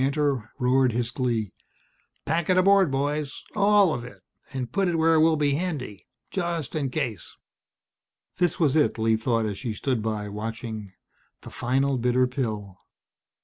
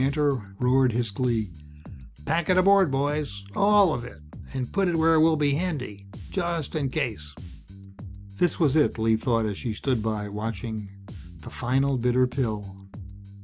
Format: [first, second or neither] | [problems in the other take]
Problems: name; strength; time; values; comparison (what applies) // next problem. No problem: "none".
first | background sound (Bass guitar); 14 dB below the speech